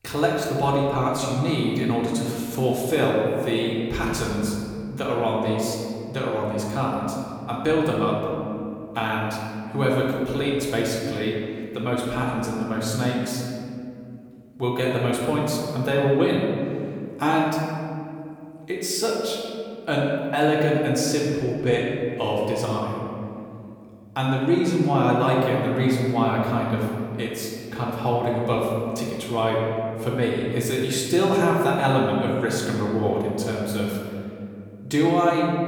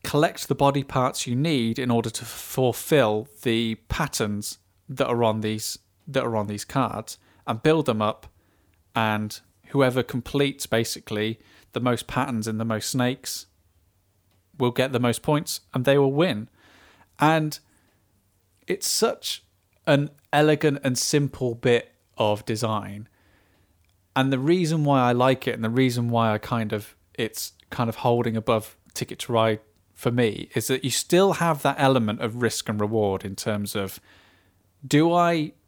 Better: second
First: off-mic speech; far // room echo; noticeable; dies away in 2.4 s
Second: none

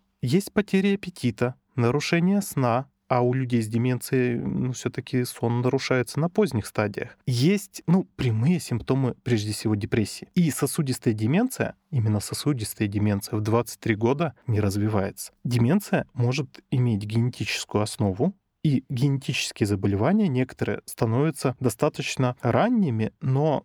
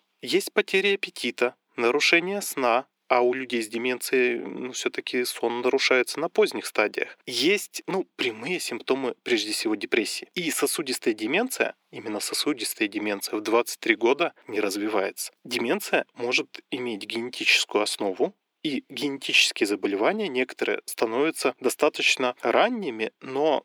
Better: first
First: none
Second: thin; somewhat; fading below 350 Hz

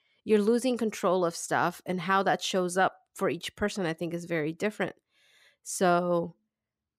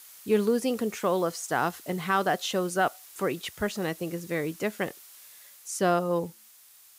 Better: first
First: none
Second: hiss; noticeable; throughout; 20 dB below the speech

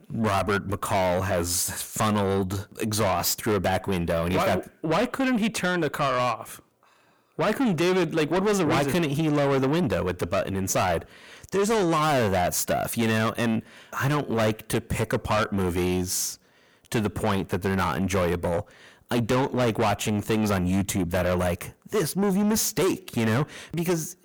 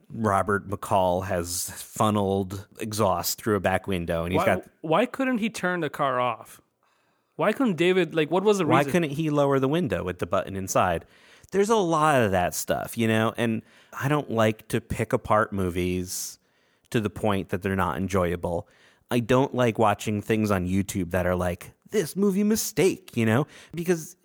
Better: second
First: distortion; heavy; 6 dB below the speech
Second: none

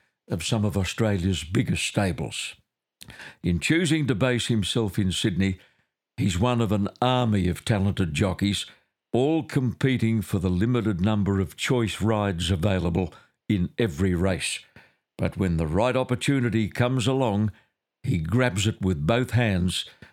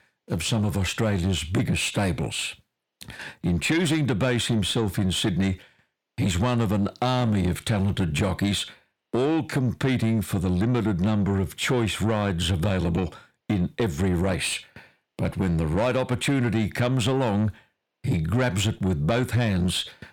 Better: first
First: none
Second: distortion; slight; 10 dB below the speech

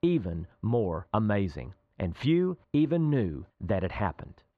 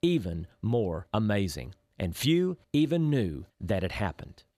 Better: second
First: muffled; very; fading above 2 kHz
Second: none

